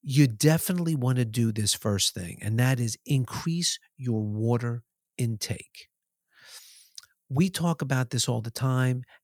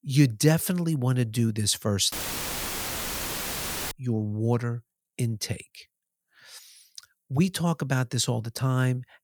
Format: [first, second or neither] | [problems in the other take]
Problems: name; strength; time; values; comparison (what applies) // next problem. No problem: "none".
first | audio cutting out; filled with static; at 2 s for 2 s